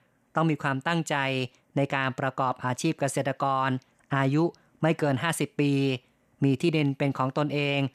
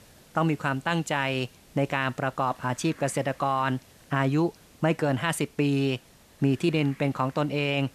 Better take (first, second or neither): first